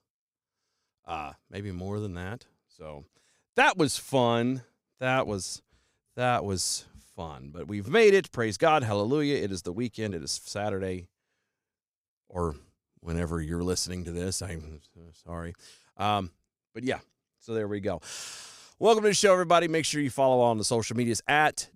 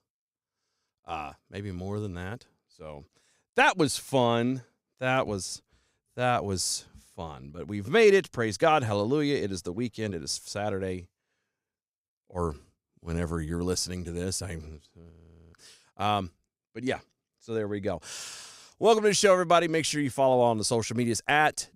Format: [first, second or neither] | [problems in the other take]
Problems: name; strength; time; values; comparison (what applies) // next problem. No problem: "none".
first | audio freezing; at 15 s